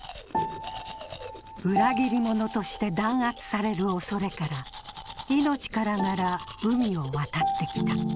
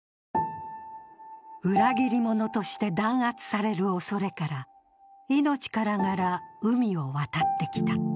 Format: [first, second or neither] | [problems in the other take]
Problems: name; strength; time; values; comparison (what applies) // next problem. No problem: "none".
second | background sound (Domestic sounds, home sounds); 15 dB below the speech